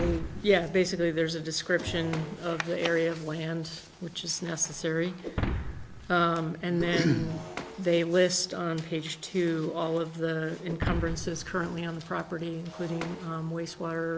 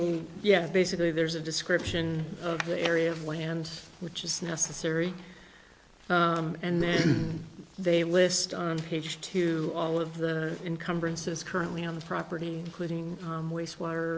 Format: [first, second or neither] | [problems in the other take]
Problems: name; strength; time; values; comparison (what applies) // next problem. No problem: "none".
second | background sound (Shatter); 10 dB below the speech